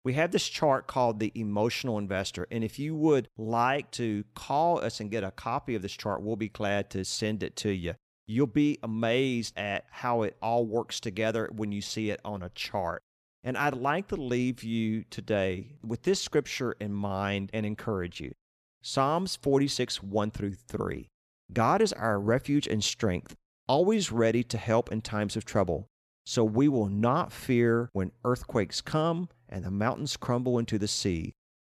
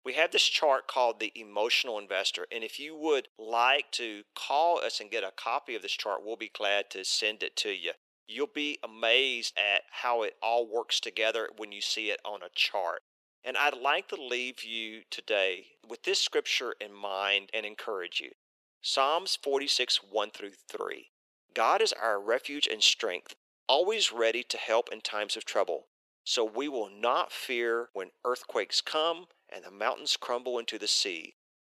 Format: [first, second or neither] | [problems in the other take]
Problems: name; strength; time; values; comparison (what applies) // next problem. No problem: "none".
first | thin; very; fading below 400 Hz